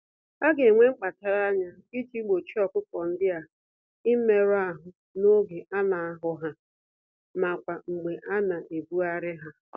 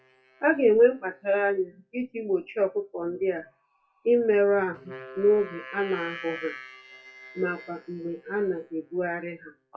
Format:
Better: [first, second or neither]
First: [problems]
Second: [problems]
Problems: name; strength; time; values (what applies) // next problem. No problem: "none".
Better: first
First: none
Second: noise reduction (classical method WPE with log-MMSE)